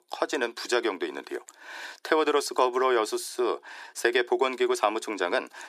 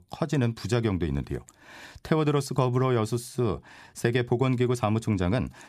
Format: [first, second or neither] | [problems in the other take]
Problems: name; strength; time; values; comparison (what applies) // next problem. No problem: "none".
second | thin; very; fading below 350 Hz